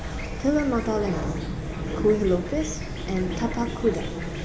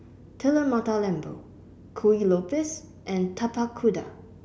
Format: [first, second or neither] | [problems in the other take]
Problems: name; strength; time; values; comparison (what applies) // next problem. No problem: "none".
second | background sound (Chirp, tweet / Fowl); 3 dB below the speech